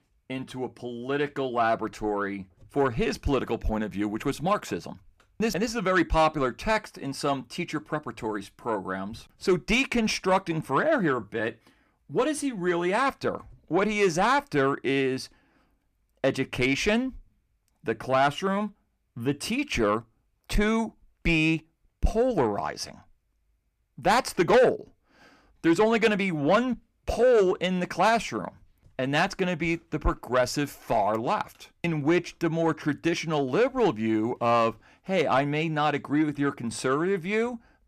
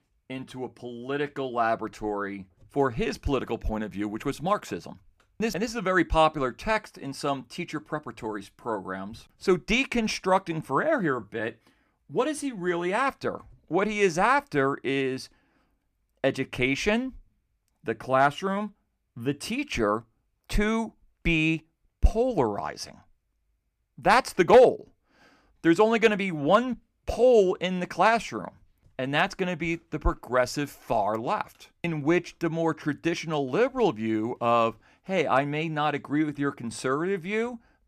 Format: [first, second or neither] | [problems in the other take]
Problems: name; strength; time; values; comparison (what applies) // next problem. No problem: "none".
second | distortion; slight; 10 dB below the speech